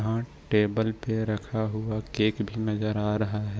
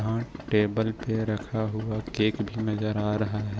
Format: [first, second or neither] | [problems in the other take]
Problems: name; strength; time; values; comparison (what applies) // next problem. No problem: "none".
first | background sound (Idling); 14 dB below the speech